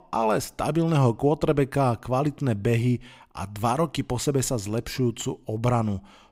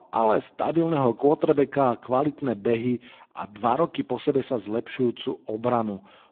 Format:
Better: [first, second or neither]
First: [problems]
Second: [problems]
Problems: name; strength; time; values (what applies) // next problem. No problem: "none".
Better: first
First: none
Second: phone-call audio; poor line